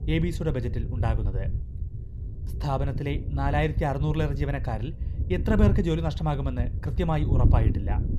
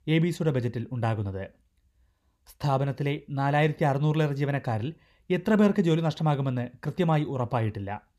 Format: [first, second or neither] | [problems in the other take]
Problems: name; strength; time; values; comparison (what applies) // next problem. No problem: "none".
second | low rumble; noticeable; throughout; 10 dB below the speech